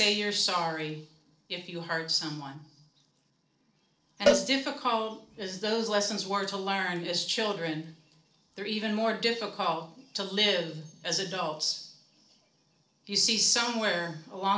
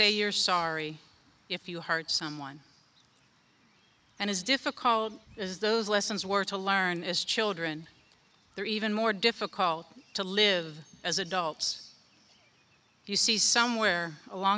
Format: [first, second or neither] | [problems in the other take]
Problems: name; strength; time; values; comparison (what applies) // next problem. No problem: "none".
second | noise reduction (neural separator model SepFormer DNS4)